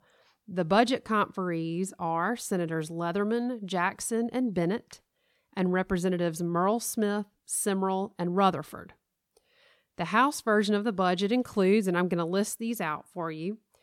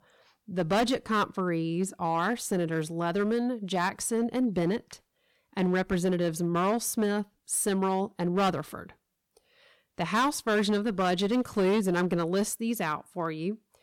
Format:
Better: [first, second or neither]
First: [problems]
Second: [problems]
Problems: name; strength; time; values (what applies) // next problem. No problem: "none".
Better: first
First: none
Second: distortion; slight; 7% of the sound clipped